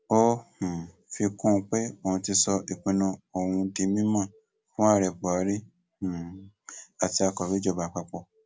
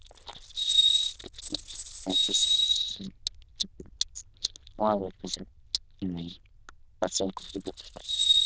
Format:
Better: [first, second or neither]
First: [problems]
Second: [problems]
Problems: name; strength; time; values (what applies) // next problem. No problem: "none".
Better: first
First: none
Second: noise reduction (neural diffusion model UNIVERSE++)